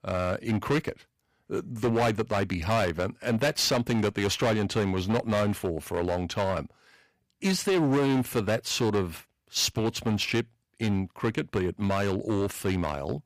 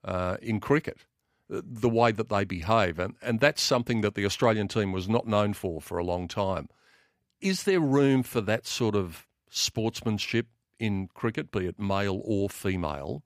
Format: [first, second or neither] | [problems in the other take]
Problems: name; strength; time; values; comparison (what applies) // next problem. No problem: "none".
second | distortion; heavy; 12% of the sound clipped